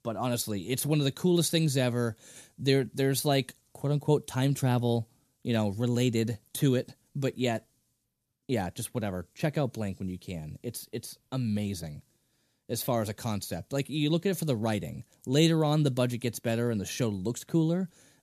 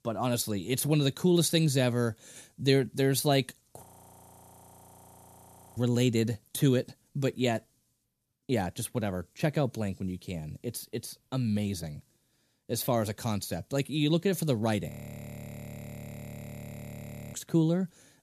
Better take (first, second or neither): first